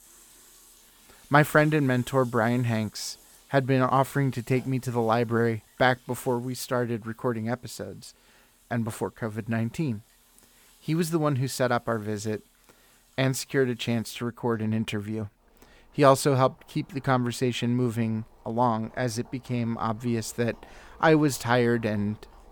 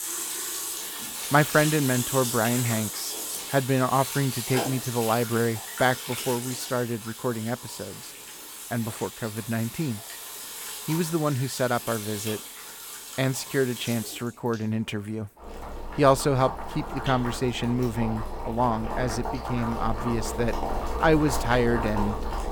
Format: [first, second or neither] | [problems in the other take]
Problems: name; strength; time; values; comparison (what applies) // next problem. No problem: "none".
first | household noises; loud; throughout; 6 dB below the speech; faint in the first